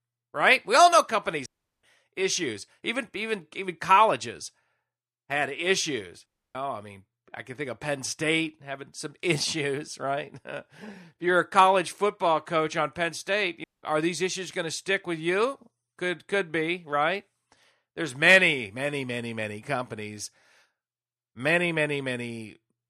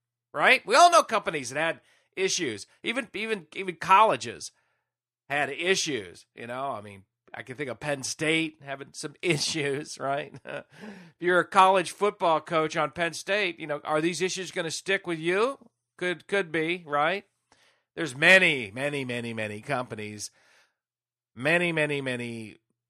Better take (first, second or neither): second